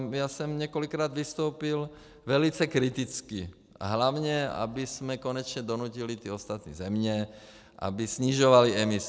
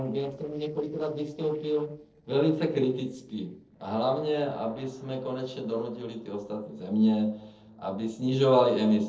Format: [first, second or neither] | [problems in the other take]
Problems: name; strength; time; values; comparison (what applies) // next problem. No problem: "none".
first | noise reduction (neural separator model SepFormer DNS4)